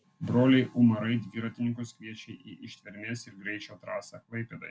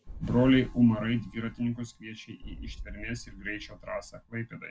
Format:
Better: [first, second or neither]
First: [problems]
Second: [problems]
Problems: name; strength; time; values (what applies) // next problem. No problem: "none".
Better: first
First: none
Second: background sound (Boom); 15 dB below the speech